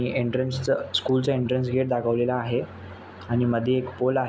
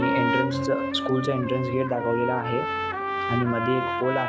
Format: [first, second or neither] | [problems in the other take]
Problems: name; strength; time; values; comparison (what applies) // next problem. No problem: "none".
first | background sound (Trumpet + Bass guitar); 1 dB below the speech